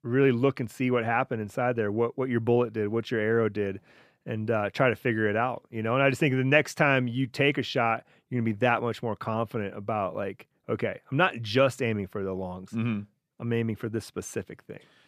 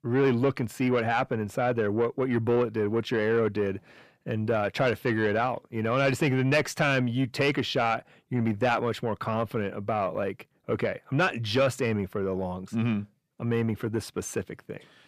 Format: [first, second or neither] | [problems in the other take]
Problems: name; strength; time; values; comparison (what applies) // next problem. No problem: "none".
first | distortion; slight; 10 dB below the speech